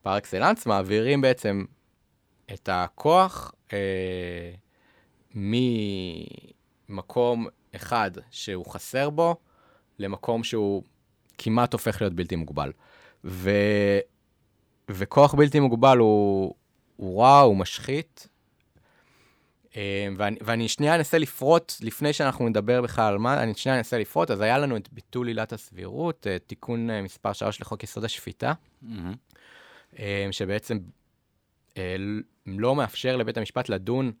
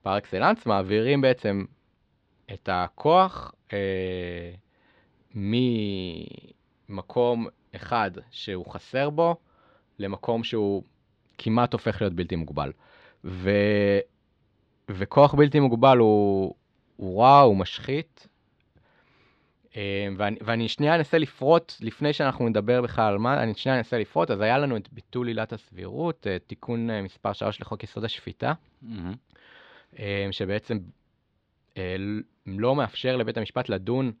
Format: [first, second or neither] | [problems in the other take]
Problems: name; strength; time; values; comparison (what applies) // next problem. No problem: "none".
first | muffled; very slightly; fading above 4 kHz